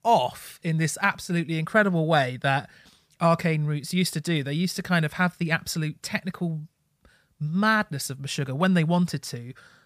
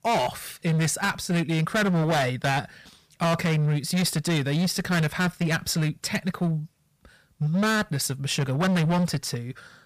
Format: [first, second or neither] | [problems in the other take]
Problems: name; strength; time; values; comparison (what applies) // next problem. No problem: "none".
first | distortion; heavy; 21% of the sound clipped